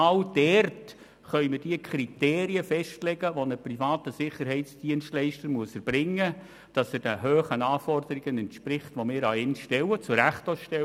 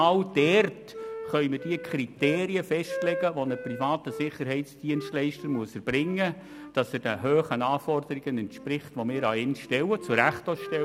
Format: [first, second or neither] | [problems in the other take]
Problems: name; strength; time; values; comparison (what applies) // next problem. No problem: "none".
first | background sound (Wind instrument, woodwind instrument); 13 dB below the speech